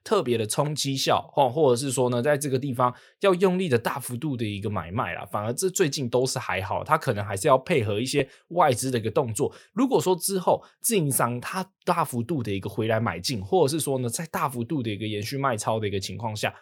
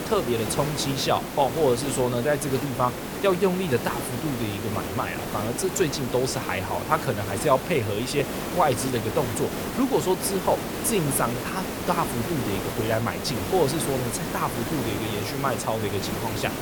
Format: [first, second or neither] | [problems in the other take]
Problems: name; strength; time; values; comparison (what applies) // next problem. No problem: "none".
first | hiss; loud; throughout; 5 dB below the speech